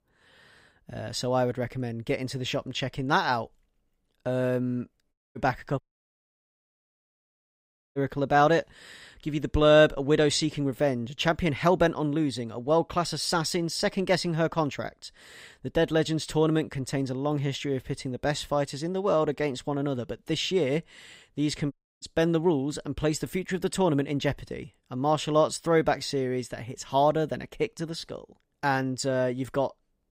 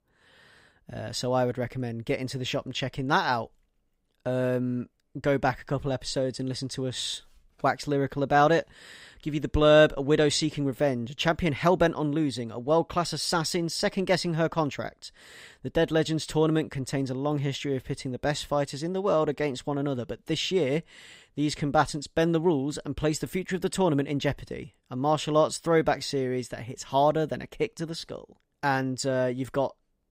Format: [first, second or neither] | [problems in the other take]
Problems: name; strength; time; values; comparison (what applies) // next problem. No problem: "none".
second | audio cutting out; at 5 s, at 6 s for 2 s and at 22 s